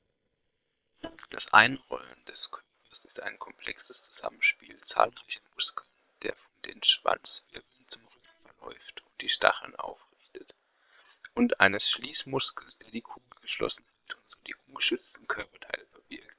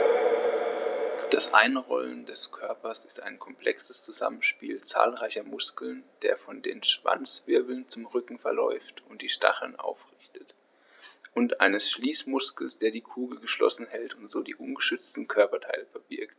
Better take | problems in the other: second | noise reduction (neural separator model SepFormer WHAM!)

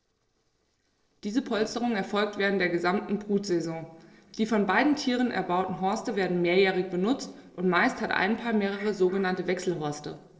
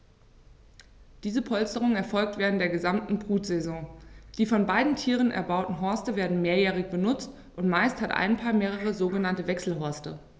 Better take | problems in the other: second | noise reduction (neural separator model SepFormer DNS4)

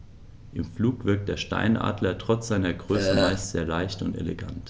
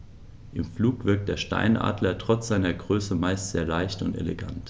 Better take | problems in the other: second | background sound (Burping, eructation); 2 dB above the speech

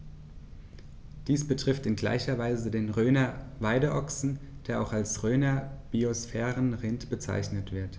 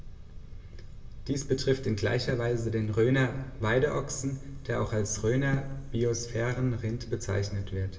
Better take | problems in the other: first | background sound (Raindrop / Drip); 16 dB below the speech // room echo; dies away in 2.9 s

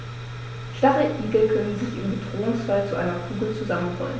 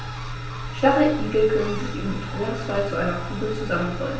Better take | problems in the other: first | background sound (Bird); 19 dB below the speech // room echo; dies away in 0.2 s

